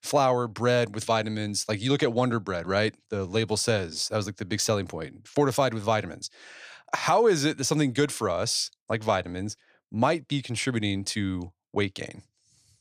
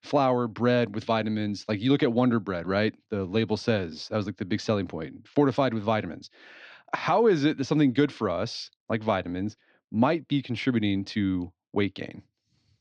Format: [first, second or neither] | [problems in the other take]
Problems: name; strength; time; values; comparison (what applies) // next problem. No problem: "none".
first | muffled; slightly; fading above 4 kHz